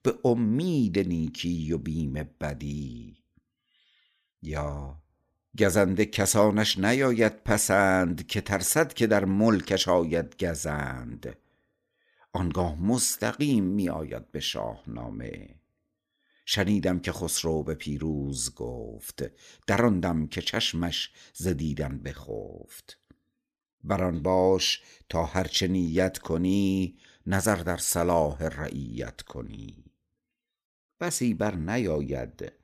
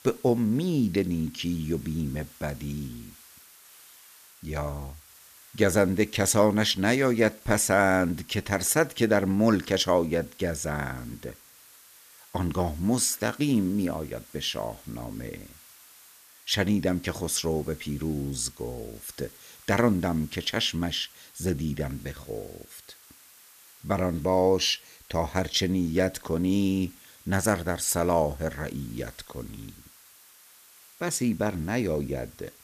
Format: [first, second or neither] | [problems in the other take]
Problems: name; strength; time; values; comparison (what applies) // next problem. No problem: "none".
first | hiss; faint; throughout; 25 dB below the speech